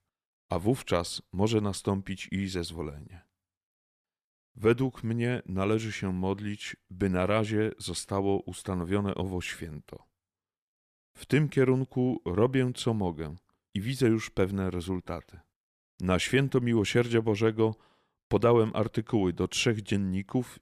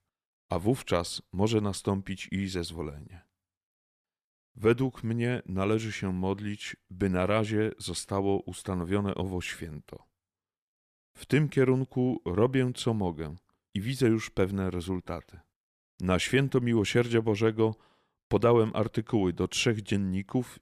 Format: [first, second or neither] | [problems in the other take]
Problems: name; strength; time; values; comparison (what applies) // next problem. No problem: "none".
neither | none